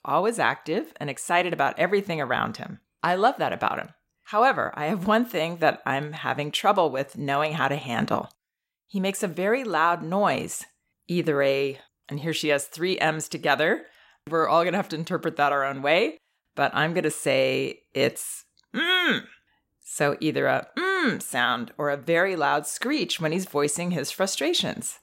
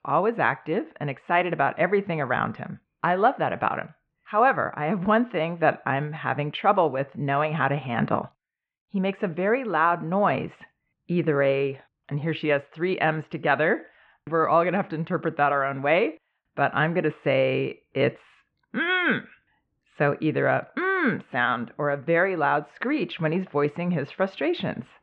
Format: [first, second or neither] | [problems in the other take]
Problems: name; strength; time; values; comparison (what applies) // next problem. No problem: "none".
first | muffled; very; fading above 2.5 kHz